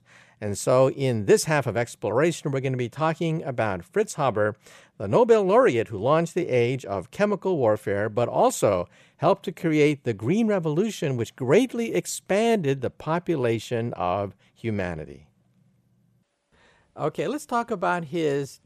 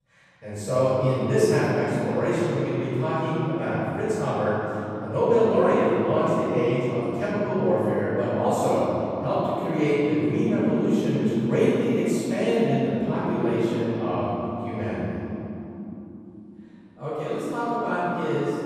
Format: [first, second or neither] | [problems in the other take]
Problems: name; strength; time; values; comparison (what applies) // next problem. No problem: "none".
first | room echo; strong; dies away in 3 s // off-mic speech; far